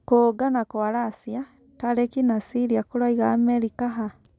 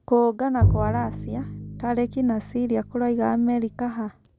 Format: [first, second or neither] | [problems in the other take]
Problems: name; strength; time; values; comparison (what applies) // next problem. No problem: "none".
first | background sound (Bowed string instrument); 4 dB below the speech